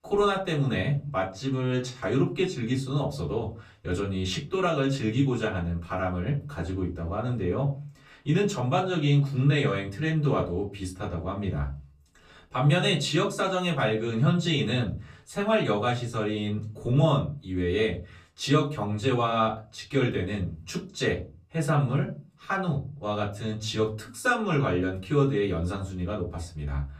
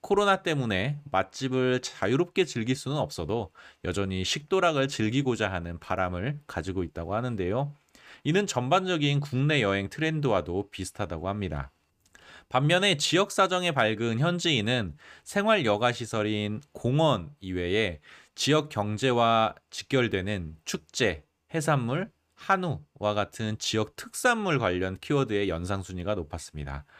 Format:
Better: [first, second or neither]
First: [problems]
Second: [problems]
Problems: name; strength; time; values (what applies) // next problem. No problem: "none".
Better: second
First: off-mic speech; far // room echo; very slight; dies away in 0.4 s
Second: none